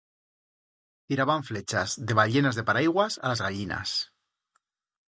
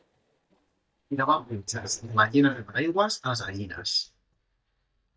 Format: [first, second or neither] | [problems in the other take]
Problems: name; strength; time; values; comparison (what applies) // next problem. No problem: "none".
first | noise reduction (neural mask model DeepFilterNet 3)